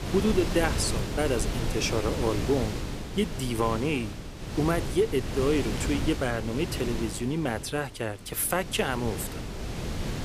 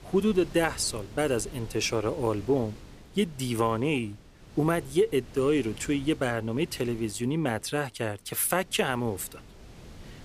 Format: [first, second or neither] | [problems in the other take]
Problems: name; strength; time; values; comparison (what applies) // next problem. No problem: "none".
second | wind noise on the microphone; heavy; 7 dB below the speech; occasional gusts in the second